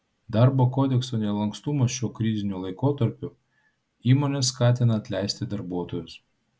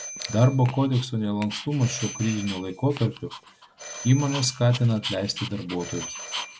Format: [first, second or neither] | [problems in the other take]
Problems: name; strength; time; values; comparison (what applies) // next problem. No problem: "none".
first | background sound (Telephone + Dog); 12 dB below the speech